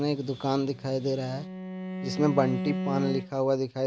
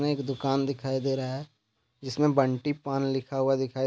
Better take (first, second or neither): second